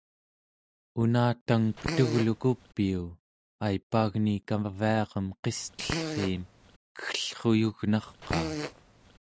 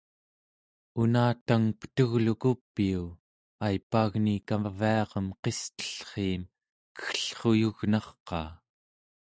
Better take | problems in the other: second | background sound (Fart); 7 dB below the speech

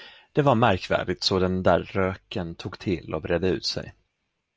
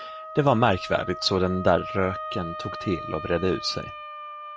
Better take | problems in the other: first | background sound (Wind instrument, woodwind instrument); 10 dB below the speech

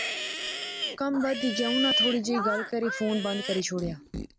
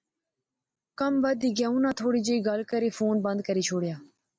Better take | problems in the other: second | background sound (Livestock, farm animals, working animals); 2 dB below the speech

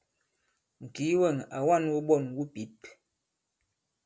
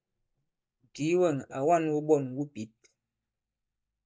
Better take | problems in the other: first | noise reduction (neural mask model DeepFilterNet 3)

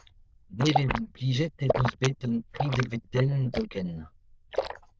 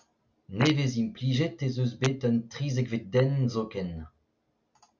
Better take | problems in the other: second | noise reduction (neural diffusion model UNIVERSE++)

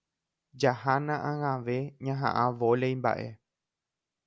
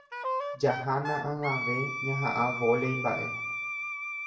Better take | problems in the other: first | background sound (Wind instrument, woodwind instrument); 3 dB below the speech // room echo; dies away in 0.6 s

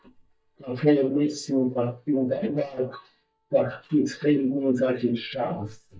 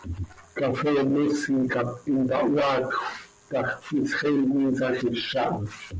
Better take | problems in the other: second | noise reduction (neural mask model DeepFilterNet 3)

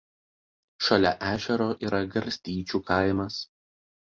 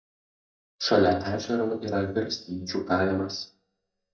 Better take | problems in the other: first | noise reduction (neural mask model DeepFilterNet 3)

